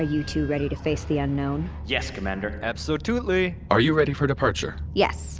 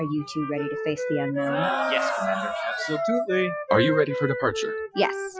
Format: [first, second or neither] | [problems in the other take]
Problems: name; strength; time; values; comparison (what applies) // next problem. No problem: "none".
first | noise reduction (classical method Wiener filter)